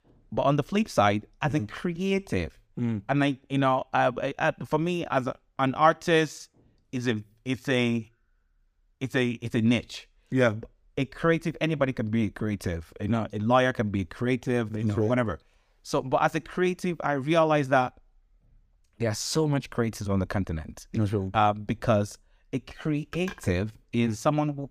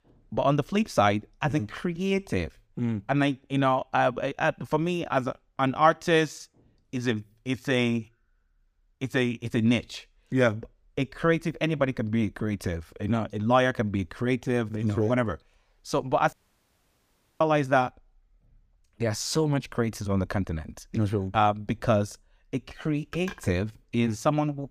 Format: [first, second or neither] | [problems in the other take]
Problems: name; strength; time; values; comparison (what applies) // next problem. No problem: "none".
first | audio cutting out; at 16 s for 1 s